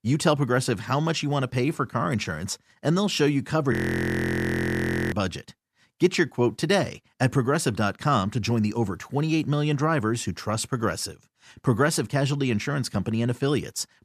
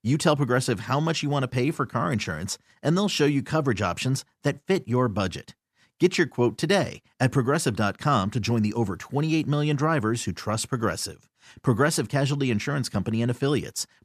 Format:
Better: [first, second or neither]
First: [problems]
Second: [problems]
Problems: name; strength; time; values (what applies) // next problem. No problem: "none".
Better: second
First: audio freezing; at 3.5 s for 1.5 s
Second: none